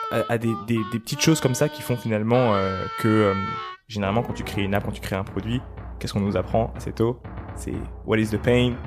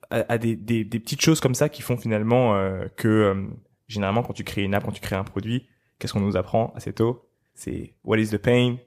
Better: second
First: background music; noticeable; throughout; 10 dB below the speech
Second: none

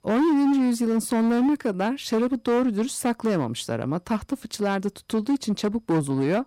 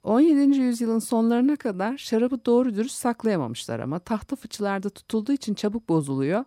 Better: second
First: distortion; slight; 15% of the sound clipped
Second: none

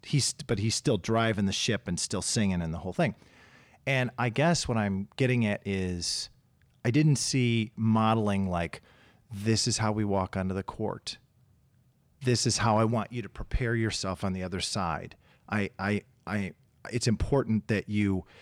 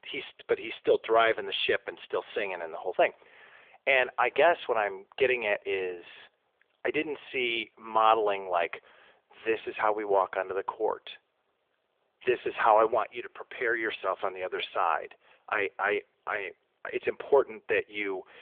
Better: first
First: none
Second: phone-call audio; nothing above 3.5 kHz

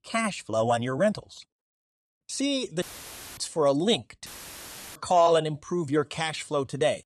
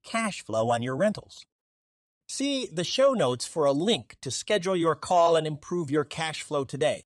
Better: second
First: audio cutting out; filled with static; at 3 s for 0.5 s and at 4.5 s for 0.5 s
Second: none

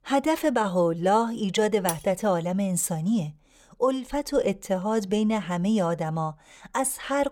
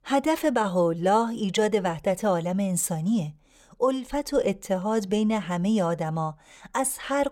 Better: second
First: clattering dishes; very faint; at 2 s; peak 7 dB below the speech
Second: none

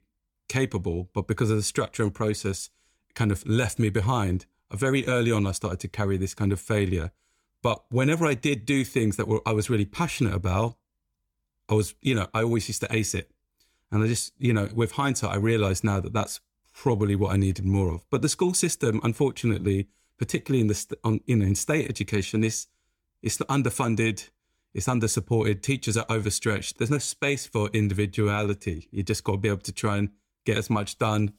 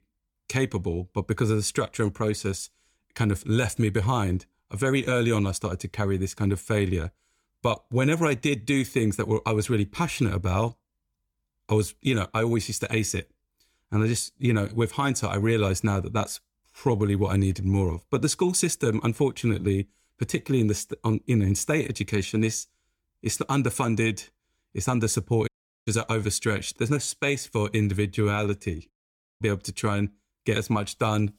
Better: first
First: none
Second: audio cutting out; at 25 s and at 29 s for 0.5 s

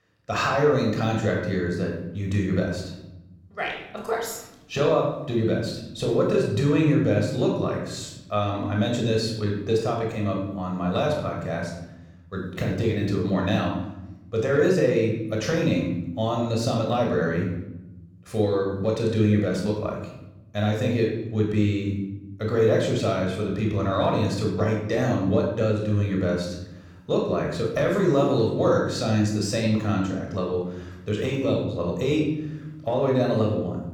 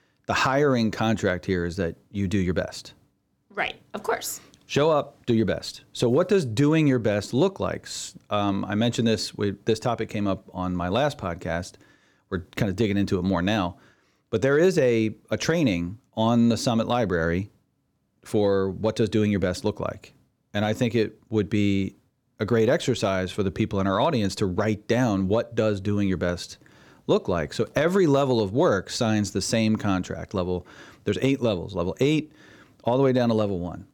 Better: second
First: off-mic speech; somewhat distant // room echo; noticeable; dies away in 0.9 s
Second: none

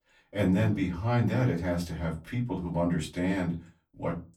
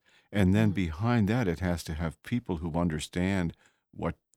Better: second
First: off-mic speech; far // room echo; very slight; dies away in 0.2 s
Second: none

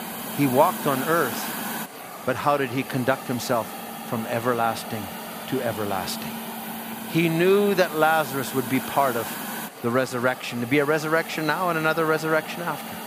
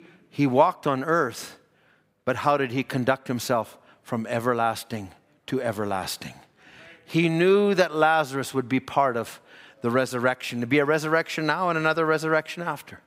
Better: second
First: hiss; loud; throughout; 9 dB below the speech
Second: none

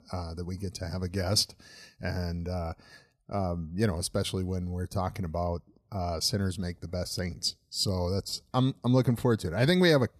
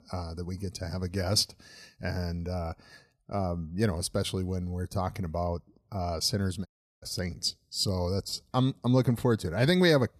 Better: first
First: none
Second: audio cutting out; at 6.5 s

